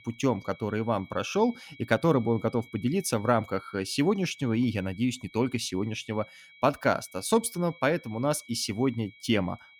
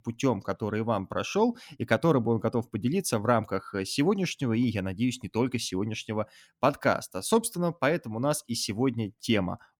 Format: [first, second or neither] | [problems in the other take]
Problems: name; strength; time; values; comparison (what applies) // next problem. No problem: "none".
second | high-pitched whine; faint; throughout; 2.5 kHz, 25 dB below the speech